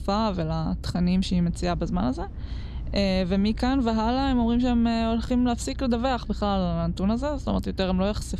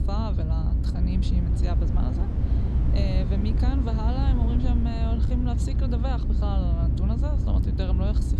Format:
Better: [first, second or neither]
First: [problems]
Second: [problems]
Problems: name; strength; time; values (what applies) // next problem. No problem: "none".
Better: first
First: low rumble; faint; throughout; 25 dB below the speech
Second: low rumble; loud; throughout; 2 dB below the speech